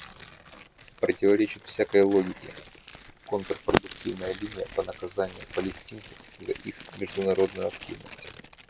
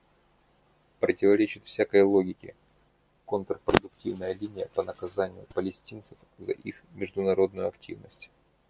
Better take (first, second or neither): second